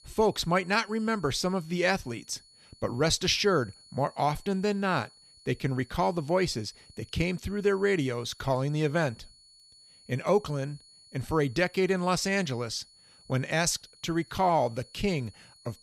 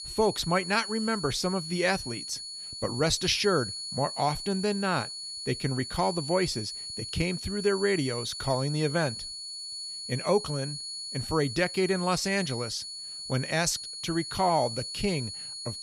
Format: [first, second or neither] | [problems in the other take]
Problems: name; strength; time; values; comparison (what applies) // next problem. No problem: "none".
first | high-pitched whine; loud; throughout; 4.5 kHz, 7 dB below the speech; faint in the first